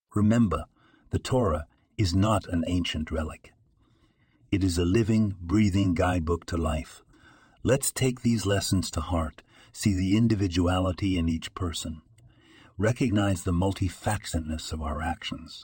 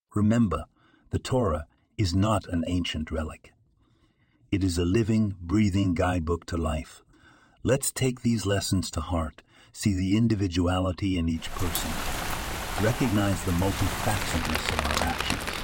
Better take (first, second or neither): first